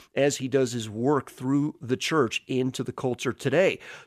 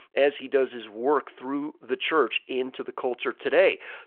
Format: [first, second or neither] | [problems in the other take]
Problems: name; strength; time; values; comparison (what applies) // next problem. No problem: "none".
first | phone-call audio